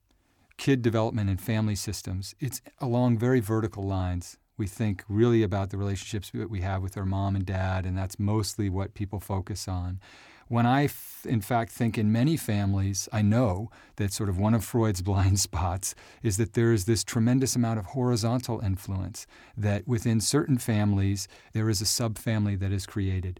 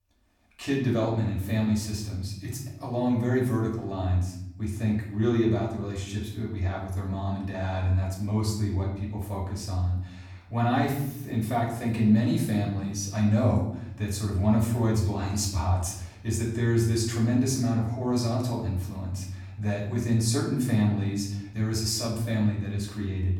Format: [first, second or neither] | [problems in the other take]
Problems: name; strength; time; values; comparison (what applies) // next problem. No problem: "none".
first | off-mic speech; far // room echo; noticeable; dies away in 0.8 s